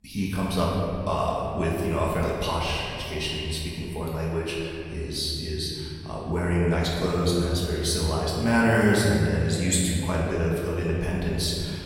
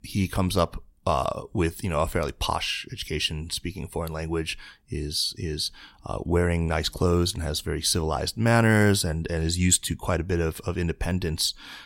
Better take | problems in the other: second | room echo; strong; dies away in 2.4 s // off-mic speech; far

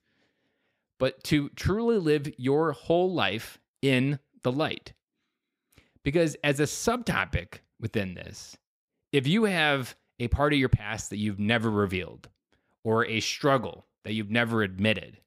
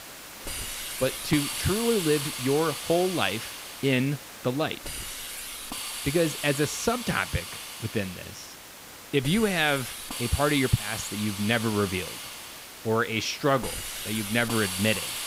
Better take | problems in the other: first | hiss; loud; throughout; 7 dB below the speech

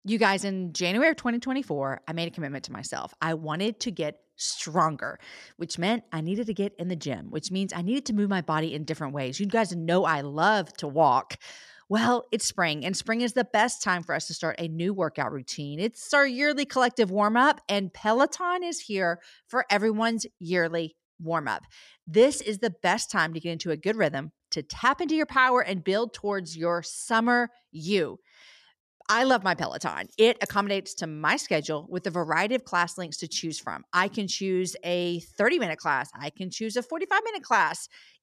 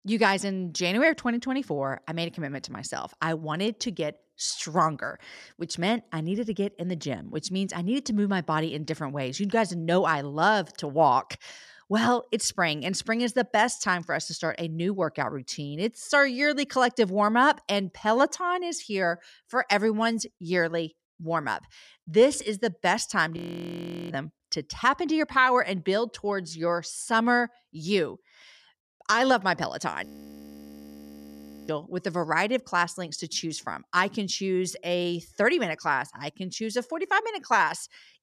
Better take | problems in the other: first | audio freezing; at 23 s for 0.5 s and at 30 s for 1.5 s

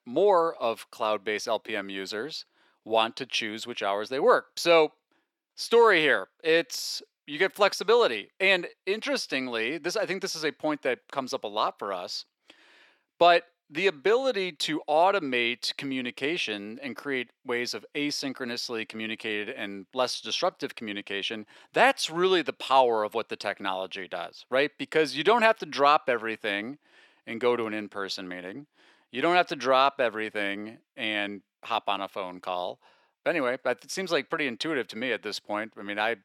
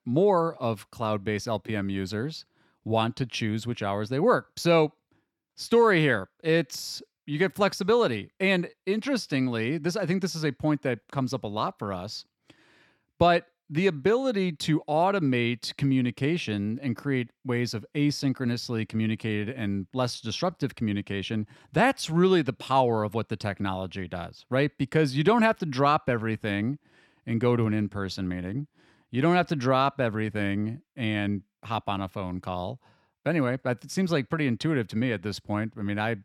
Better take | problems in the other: second | thin; somewhat; fading below 500 Hz

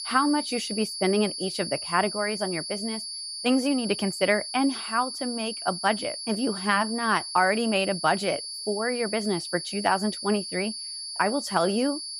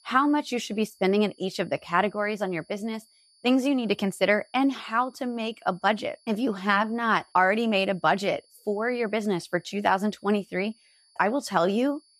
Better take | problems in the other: second | high-pitched whine; loud; throughout; 4.5 kHz, 6 dB below the speech; faint in the second

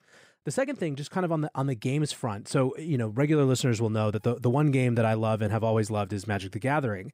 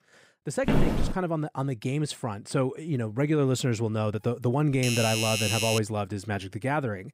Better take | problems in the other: first | footsteps; loud; at 0.5 s; peak 2 dB above the speech // doorbell; loud; from 4.5 to 6 s; peak 2 dB above the speech

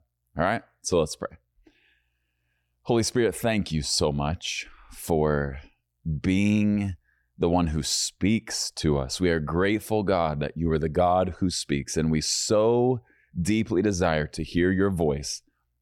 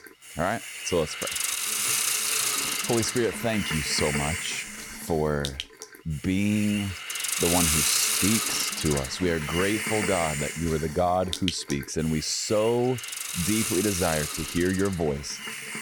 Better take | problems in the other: first | hiss; loud; throughout; as loud as the speech

